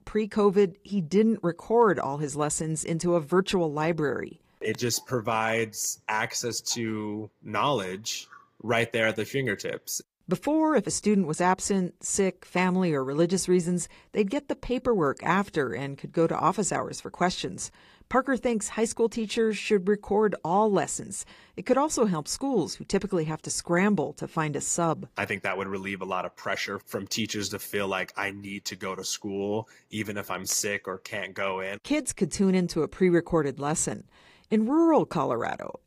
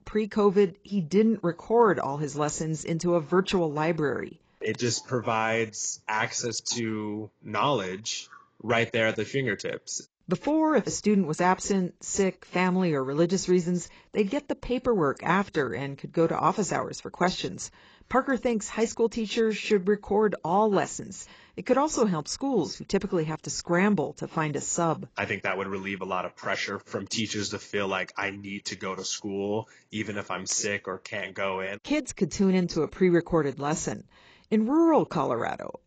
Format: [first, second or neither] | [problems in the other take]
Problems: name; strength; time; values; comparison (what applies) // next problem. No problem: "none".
first | garbled, watery; badly; nothing above 7.5 kHz; slightly in the first